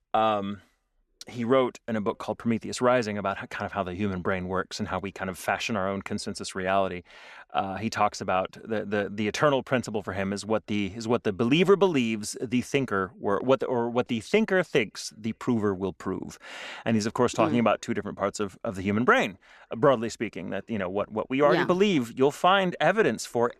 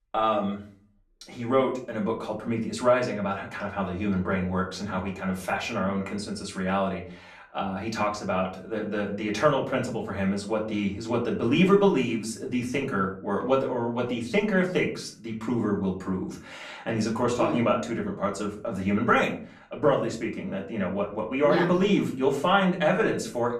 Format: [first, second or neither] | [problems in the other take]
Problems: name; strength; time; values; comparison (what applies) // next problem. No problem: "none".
first | room echo; slight; dies away in 0.4 s // off-mic speech; far